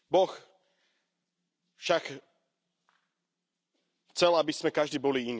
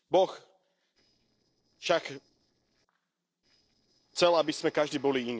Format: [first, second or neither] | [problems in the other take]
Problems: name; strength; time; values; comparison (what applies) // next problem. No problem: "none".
first | noise reduction (neural separator model SepFormer DNS4)